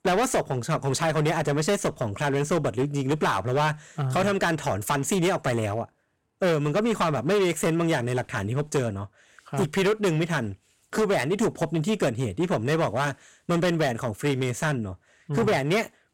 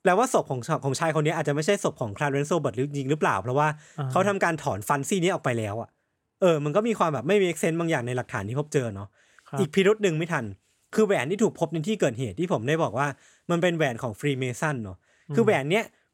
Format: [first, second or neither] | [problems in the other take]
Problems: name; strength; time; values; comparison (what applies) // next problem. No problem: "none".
second | distortion; heavy; 12% of the sound clipped